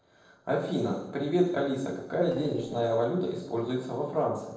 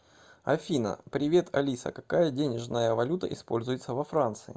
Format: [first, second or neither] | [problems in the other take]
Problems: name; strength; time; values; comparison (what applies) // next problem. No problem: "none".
second | noise reduction (neural separator model SepFormer DNS4)